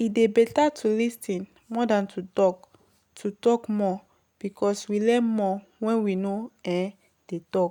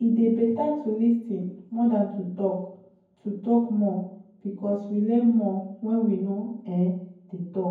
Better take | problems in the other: first | room echo; dies away in 0.9 s

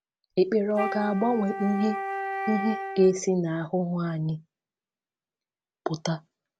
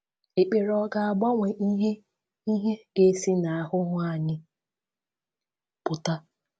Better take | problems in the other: second | background sound (Wind instrument, woodwind instrument); 6 dB below the speech

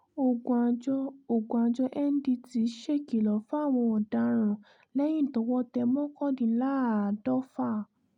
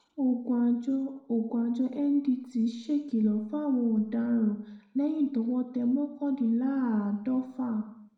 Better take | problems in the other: first | room echo; dies away in 0.7 s

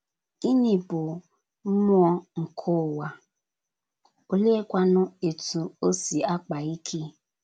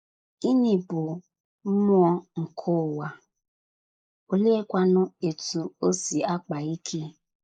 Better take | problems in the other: first | noise reduction (neural mask model Resemble Enhance denoiser)

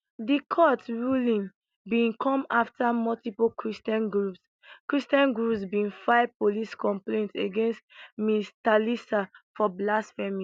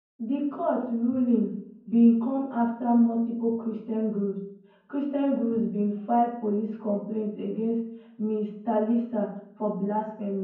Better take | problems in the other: first | room echo; dies away in 0.9 s

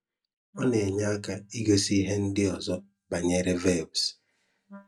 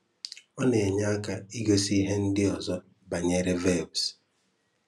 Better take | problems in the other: second | noise reduction (neural mask model DeepFilterNet 3)

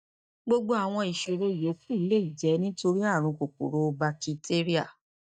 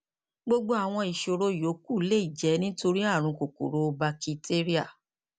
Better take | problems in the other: second | noise reduction (neural mask model DeepFilterNet 3)

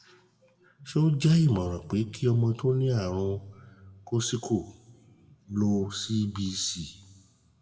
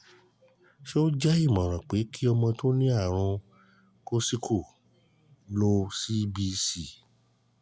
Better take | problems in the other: second | room echo; dies away in 1.6 s

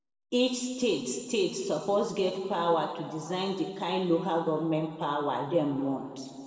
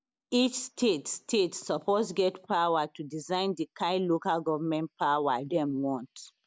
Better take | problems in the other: second | room echo; dies away in 1.8 s

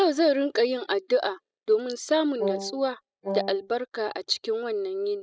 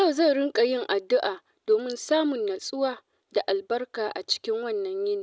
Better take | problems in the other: second | noise reduction (classical method spectral subtraction)

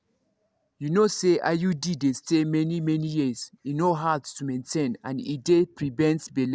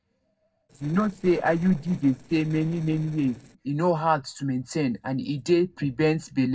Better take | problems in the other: first | noise reduction (neural separator model SepFormer DNS4)

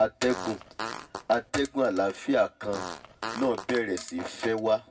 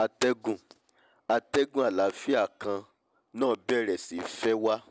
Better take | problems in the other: second | background sound (Fart); 12 dB below the speech // room echo; dies away in 0.3 s

